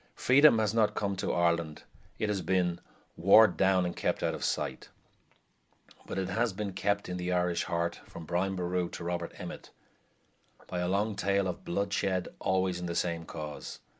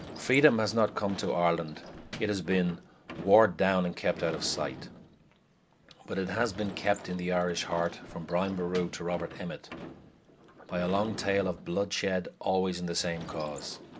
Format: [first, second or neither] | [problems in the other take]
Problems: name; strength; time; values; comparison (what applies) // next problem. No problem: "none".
first | background sound (Sliding door / Slam); 16 dB below the speech